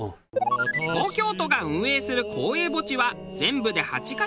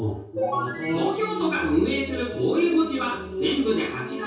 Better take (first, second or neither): first